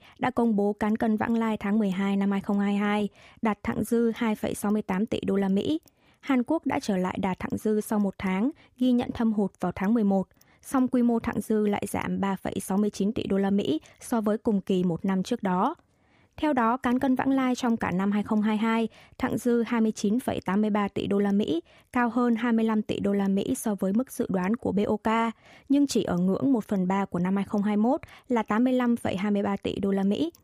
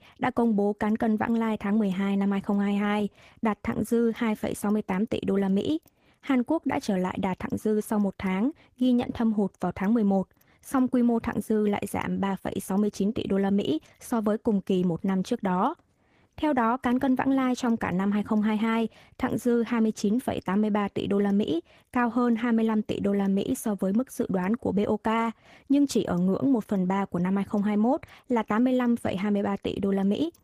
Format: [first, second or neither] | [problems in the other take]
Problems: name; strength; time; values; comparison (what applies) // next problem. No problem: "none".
first | garbled, watery; slightly; nothing above 15 kHz